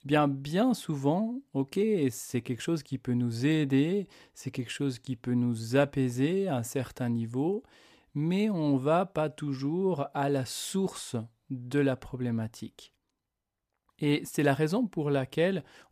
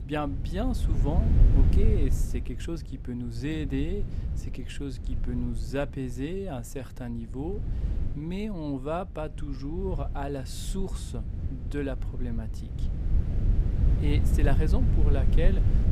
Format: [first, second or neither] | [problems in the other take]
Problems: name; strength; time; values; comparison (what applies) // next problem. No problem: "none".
first | wind noise on the microphone; heavy; 7 dB below the speech